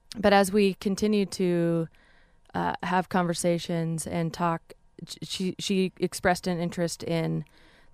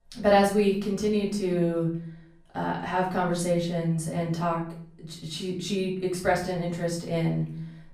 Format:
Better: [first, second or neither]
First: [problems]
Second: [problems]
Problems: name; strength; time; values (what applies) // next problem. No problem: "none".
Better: first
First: none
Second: off-mic speech; far // room echo; slight; dies away in 0.5 s